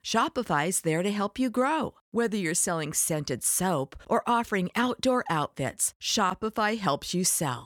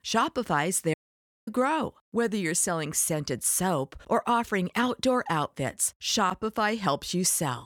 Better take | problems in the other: first | audio cutting out; at 1 s for 0.5 s

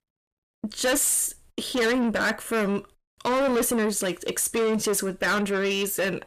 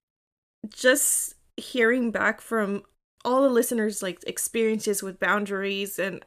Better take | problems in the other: second | distortion; heavy; 6 dB below the speech

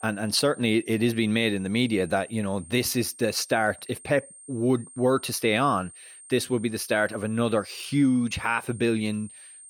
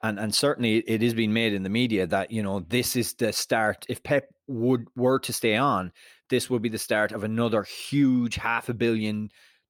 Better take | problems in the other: second | high-pitched whine; noticeable; throughout; 8.5 kHz, 20 dB below the speech

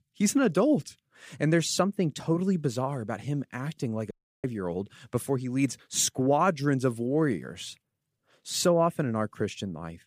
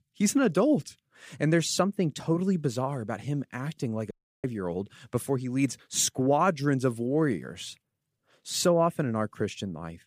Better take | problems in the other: neither | audio cutting out; at 4 s; the same in both

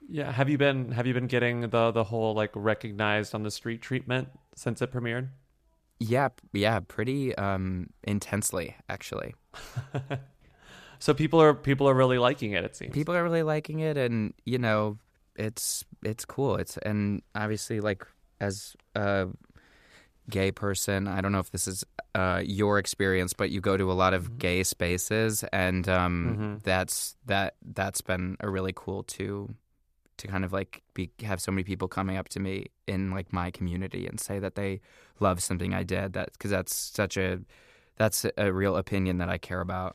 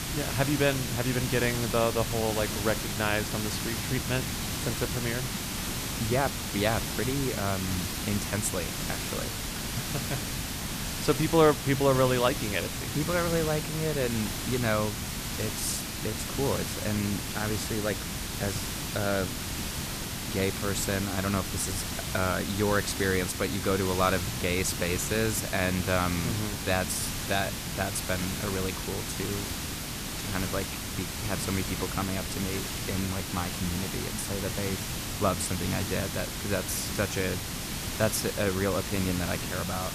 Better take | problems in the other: first | hiss; loud; throughout; 2 dB below the speech

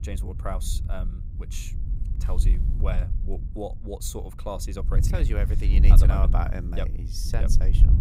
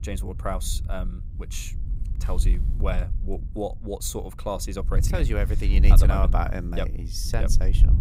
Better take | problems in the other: second | wind noise on the microphone; heavy; 7 dB below the speech; occasional gusts in the second

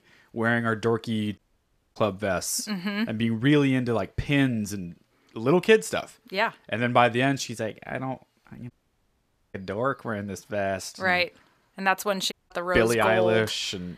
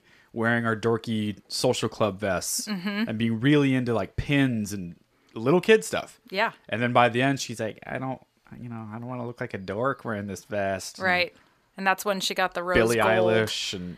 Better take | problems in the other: second | audio cutting out; at 1.5 s for 0.5 s, at 8.5 s for 1 s and at 12 s

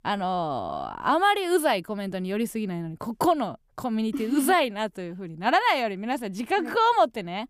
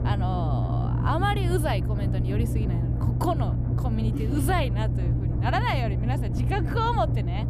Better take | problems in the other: first | low rumble; loud; throughout; 8 dB below the speech

